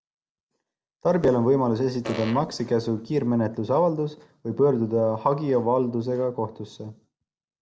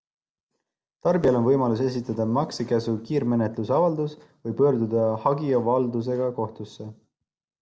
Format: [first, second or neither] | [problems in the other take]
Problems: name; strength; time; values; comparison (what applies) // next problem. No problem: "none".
second | background sound (Fart); 10 dB below the speech